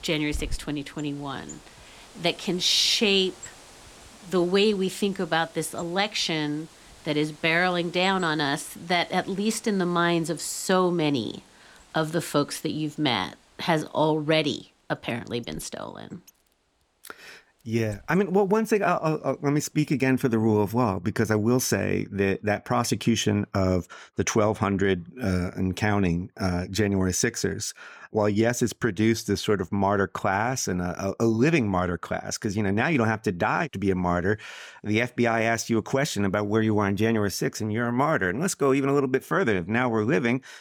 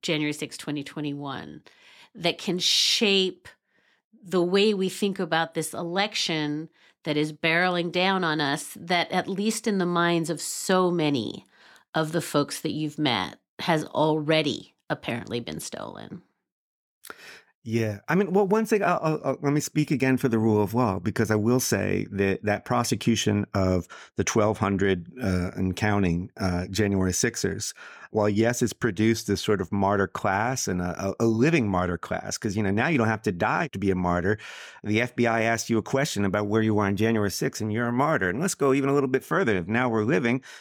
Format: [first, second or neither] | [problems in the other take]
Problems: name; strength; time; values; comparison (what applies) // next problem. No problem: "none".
second | animal sounds; faint; throughout; 25 dB below the speech